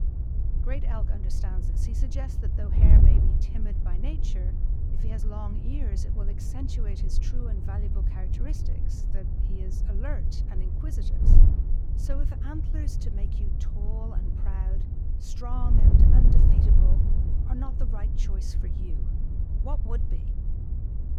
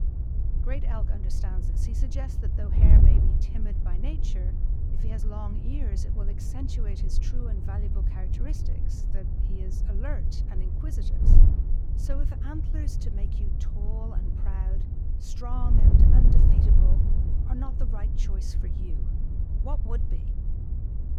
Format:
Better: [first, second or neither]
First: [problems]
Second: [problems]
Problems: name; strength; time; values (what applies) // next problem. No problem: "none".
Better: neither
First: wind noise on the microphone; heavy; 1 dB above the speech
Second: wind noise on the microphone; heavy; 1 dB above the speech